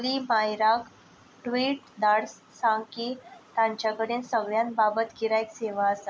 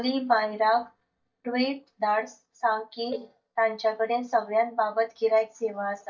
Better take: first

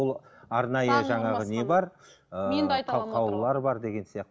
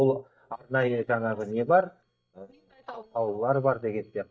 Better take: first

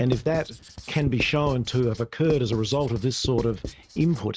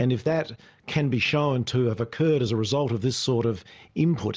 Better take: second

